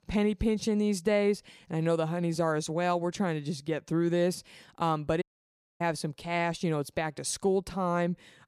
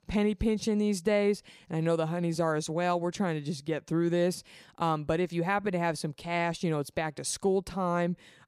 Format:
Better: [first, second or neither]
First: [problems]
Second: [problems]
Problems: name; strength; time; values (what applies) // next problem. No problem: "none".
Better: second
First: audio cutting out; at 5 s for 0.5 s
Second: none